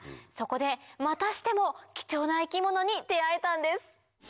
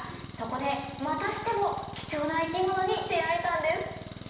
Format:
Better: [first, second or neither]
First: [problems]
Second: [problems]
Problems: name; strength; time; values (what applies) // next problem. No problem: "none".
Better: first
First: none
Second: background sound (Engine); 13 dB below the speech // room echo; dies away in 0.9 s